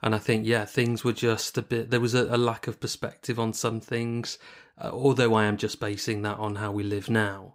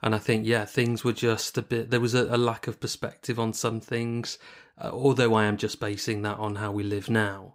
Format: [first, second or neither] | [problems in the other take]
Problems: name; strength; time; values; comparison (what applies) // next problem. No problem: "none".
neither | none